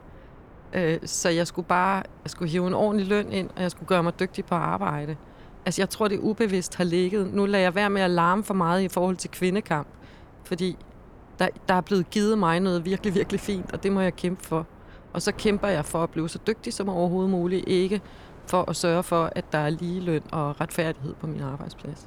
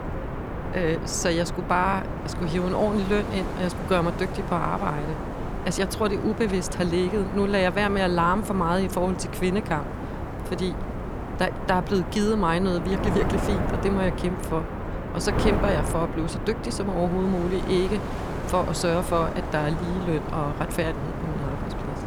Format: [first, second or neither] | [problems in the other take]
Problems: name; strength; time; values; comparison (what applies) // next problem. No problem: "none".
first | wind noise on the microphone; heavy; 7 dB below the speech; occasional gusts in the first